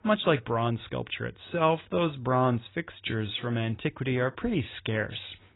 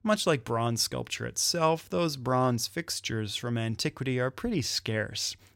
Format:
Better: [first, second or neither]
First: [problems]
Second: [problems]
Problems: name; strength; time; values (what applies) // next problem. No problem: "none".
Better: second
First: garbled, watery; badly; nothing above 4 kHz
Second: none